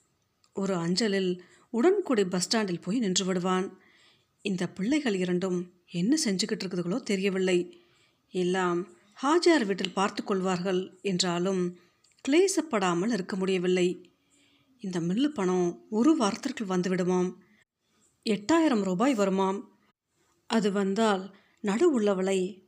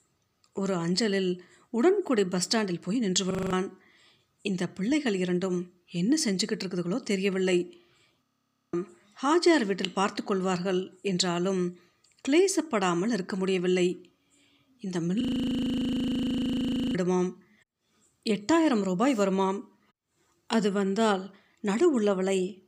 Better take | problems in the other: first | audio freezing; at 3.5 s, at 8 s for 0.5 s and at 15 s for 1.5 s

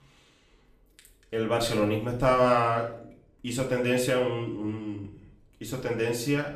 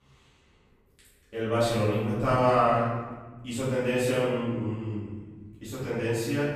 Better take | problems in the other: first | room echo; strong; dies away in 1.4 s; slight in the first // off-mic speech; far; far in the first

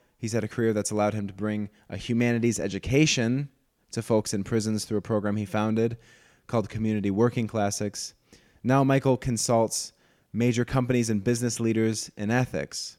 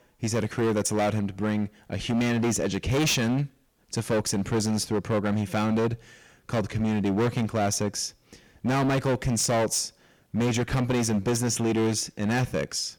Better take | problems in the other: first | distortion; heavy; 18% of the sound clipped

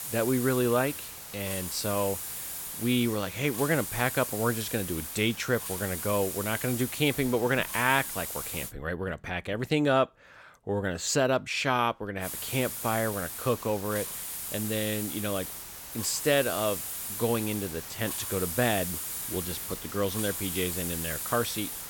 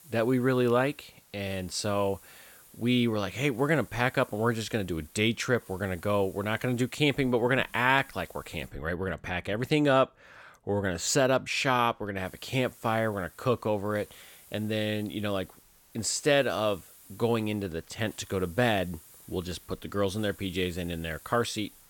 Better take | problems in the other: second | hiss; loud; until 8.5 s and from 12 s on; 5 dB below the speech; faint in the second

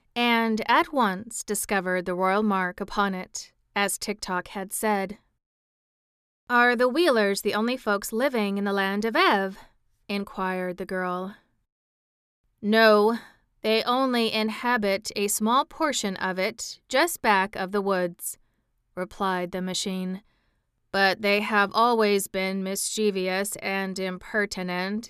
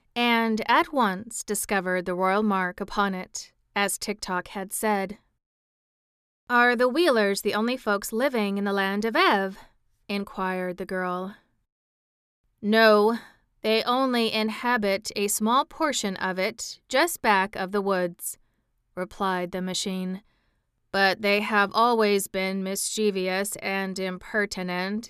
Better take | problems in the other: neither | none

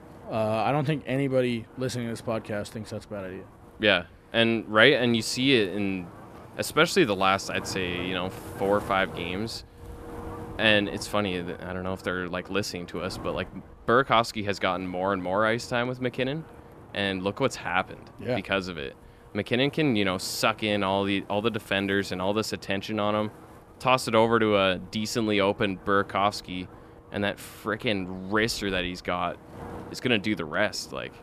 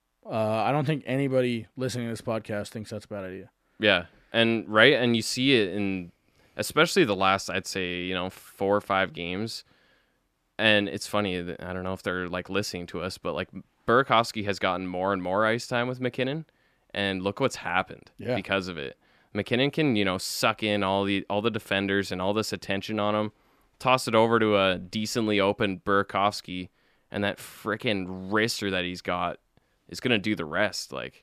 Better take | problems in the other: second | wind noise on the microphone; occasional gusts; 20 dB below the speech

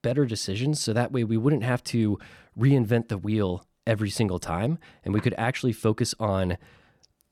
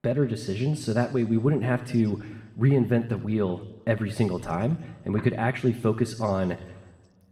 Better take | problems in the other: first | room echo; slight; dies away in 1 s

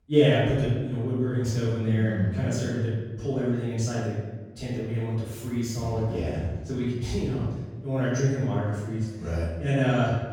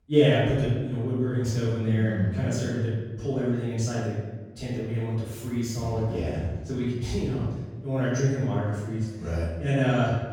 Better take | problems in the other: neither | off-mic speech; far; the same in both // room echo; strong; dies away in 1.1 s; the same in both

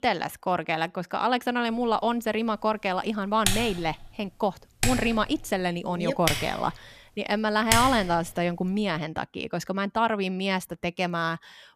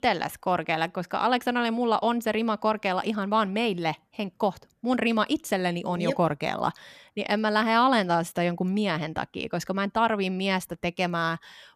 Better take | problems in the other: second | keyboard typing; loud; from 3.5 to 8 s; peak 2 dB above the speech

